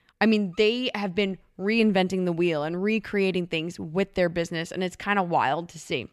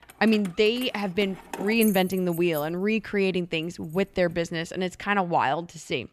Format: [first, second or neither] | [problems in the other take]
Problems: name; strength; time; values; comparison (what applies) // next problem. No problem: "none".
first | jangling keys; noticeable; until 4.5 s; peak 7 dB below the speech